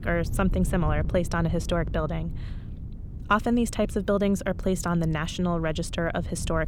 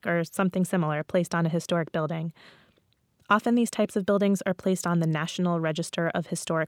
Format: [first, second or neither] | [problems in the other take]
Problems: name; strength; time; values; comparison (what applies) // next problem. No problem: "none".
second | wind noise on the microphone; occasional gusts; 20 dB below the speech